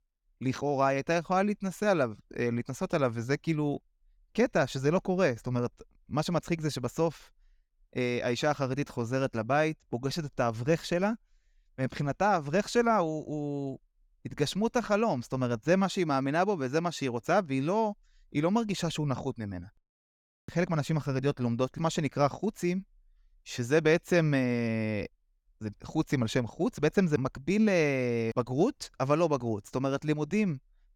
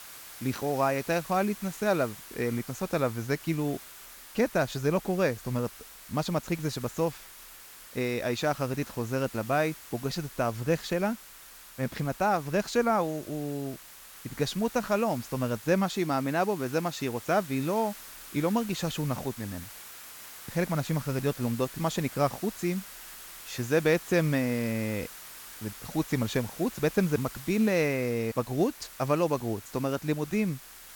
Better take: first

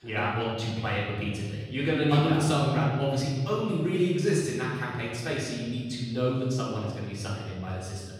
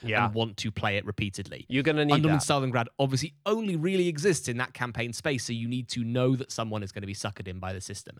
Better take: second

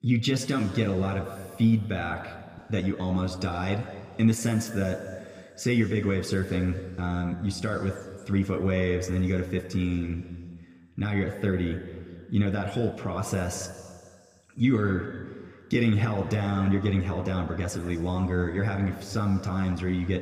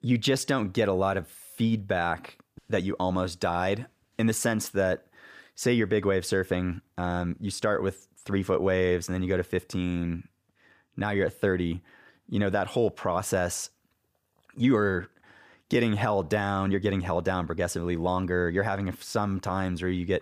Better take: second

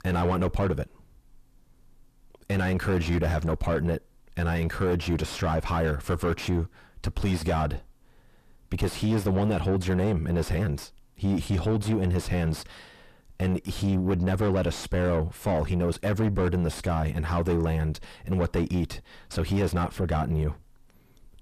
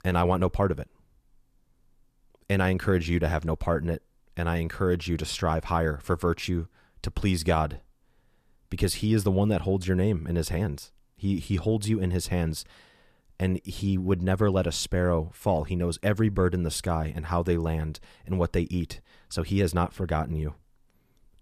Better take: second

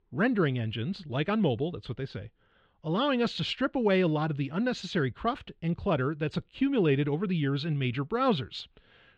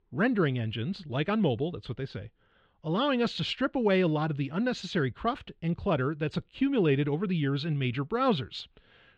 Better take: neither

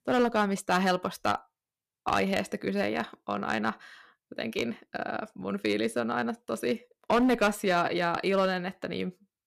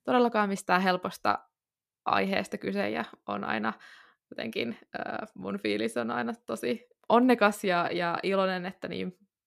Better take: second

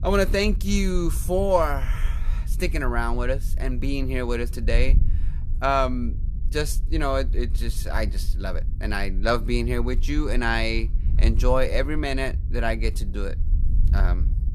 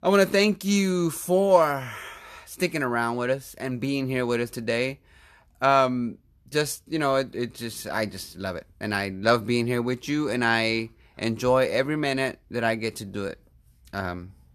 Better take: second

